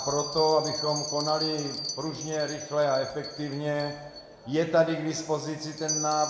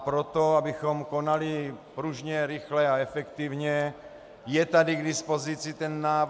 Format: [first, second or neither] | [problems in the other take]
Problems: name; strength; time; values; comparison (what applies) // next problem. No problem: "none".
second | background sound (Bell); 8 dB below the speech // room echo; dies away in 0.9 s